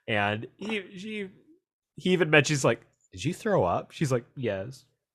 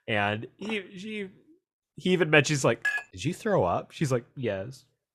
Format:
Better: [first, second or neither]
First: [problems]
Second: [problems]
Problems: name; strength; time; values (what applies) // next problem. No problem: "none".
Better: first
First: none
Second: clattering dishes; noticeable; at 3 s; peak 2 dB below the speech